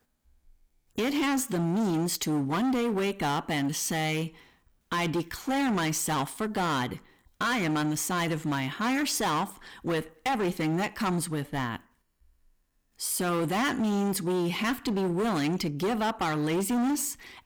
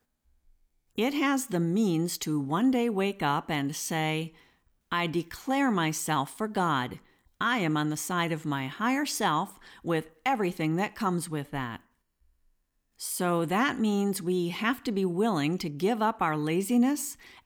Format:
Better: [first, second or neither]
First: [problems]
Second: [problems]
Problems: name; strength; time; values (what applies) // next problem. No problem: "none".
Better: second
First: distortion; heavy; 20% of the sound clipped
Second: none